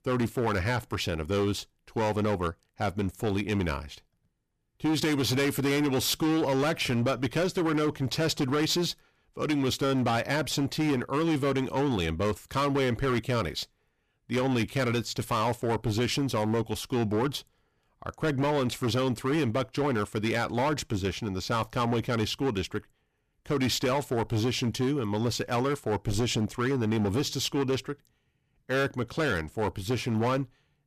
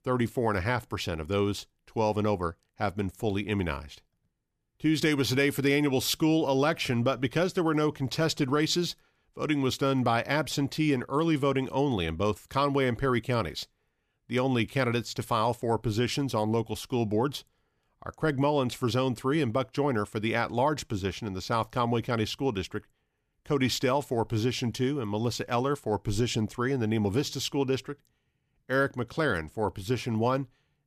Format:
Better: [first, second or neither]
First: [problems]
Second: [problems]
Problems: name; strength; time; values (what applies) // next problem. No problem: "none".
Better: second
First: distortion; slight; 14% of the sound clipped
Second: none